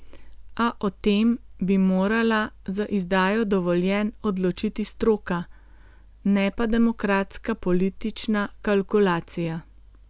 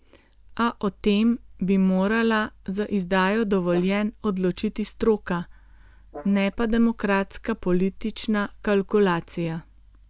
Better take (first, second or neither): first